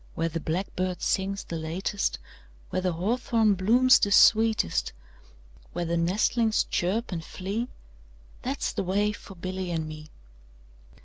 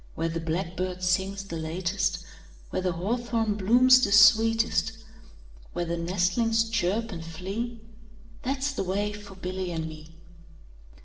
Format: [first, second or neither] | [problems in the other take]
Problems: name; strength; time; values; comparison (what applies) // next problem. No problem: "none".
first | room echo; dies away in 0.9 s